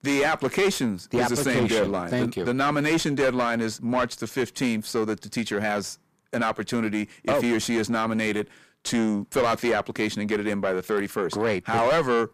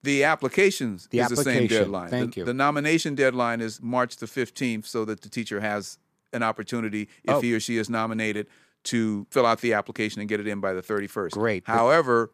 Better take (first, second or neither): second